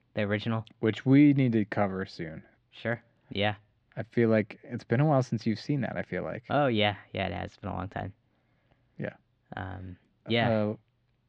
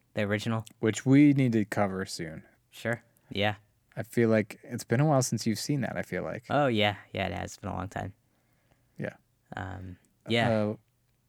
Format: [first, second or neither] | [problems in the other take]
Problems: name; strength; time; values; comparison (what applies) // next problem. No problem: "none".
second | muffled; slightly; fading above 4 kHz